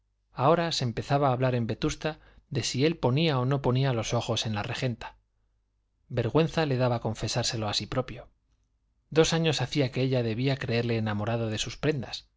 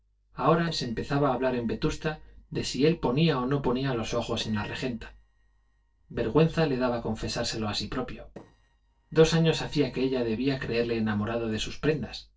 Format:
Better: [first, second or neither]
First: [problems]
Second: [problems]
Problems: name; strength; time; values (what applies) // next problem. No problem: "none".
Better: first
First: none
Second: noise reduction (neural separator model SepFormer DNS4)